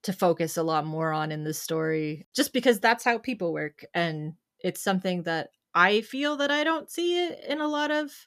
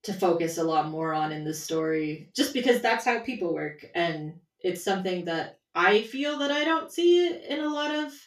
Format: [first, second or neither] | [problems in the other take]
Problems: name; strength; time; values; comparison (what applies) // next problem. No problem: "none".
first | room echo; slight; dies away in 0.3 s // off-mic speech; far